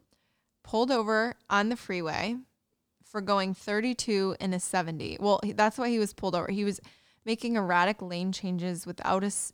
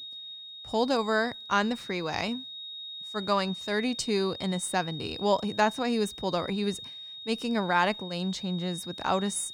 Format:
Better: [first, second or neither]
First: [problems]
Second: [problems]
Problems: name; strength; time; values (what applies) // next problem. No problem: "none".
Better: first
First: none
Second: high-pitched whine; loud; throughout; 3.5 kHz, 10 dB below the speech